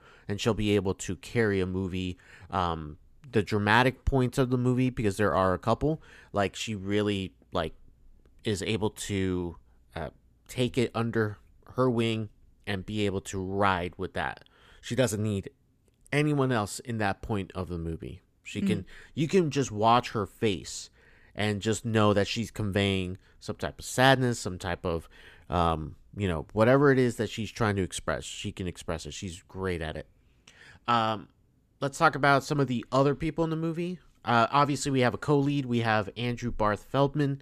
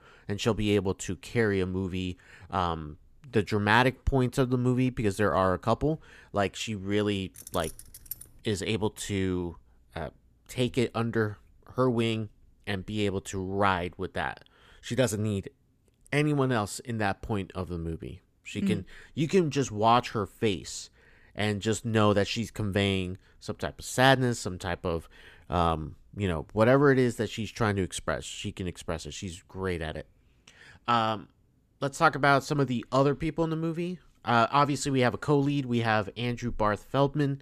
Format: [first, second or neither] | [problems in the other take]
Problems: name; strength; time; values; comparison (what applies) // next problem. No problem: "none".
first | jangling keys; faint; at 7.5 s; peak 10 dB below the speech